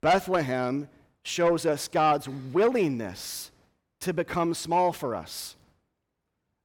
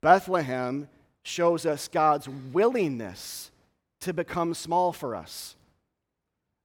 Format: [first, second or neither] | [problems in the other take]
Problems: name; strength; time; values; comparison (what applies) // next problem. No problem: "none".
second | distortion; slight; 10 dB below the speech